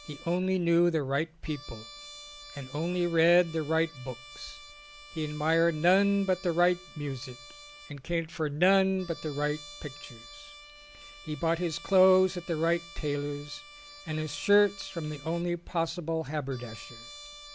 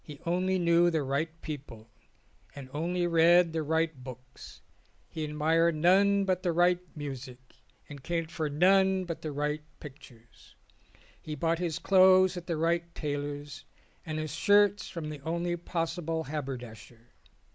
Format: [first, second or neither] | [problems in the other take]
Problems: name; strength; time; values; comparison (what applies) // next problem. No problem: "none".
second | background sound (Trumpet); 19 dB below the speech